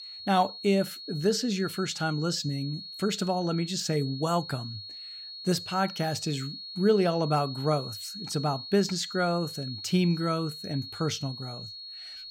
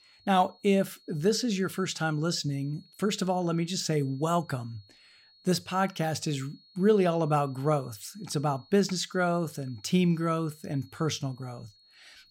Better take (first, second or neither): second